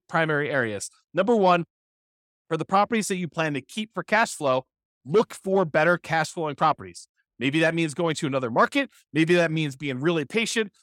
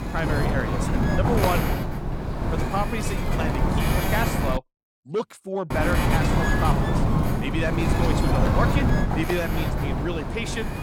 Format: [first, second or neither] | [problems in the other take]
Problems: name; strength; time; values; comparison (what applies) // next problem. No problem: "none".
first | wind noise on the microphone; heavy; until 4.5 s and from 5.5 s on; 1 dB above the speech